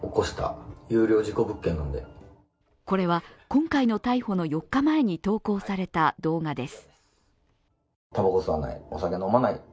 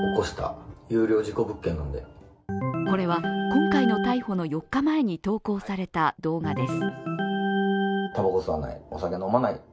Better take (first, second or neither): first